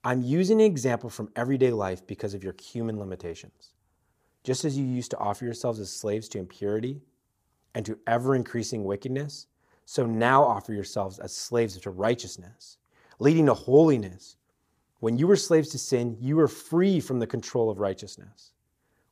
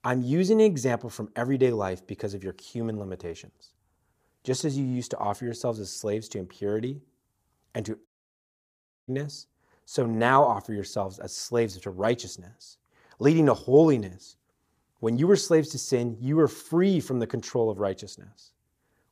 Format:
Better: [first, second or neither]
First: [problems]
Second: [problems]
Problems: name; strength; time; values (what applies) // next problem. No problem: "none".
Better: first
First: none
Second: audio cutting out; at 8 s for 1 s